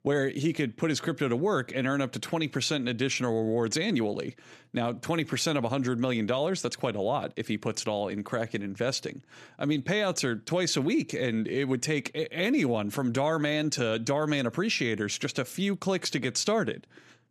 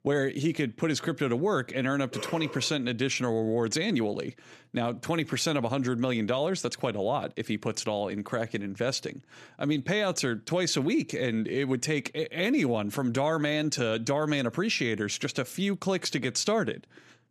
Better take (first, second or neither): first